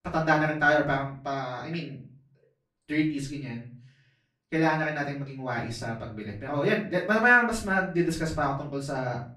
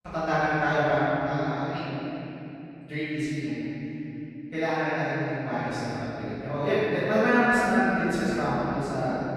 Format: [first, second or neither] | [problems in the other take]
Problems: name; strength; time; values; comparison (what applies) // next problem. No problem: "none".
first | room echo; strong; dies away in 3 s; slight in the first // off-mic speech; far; far in the first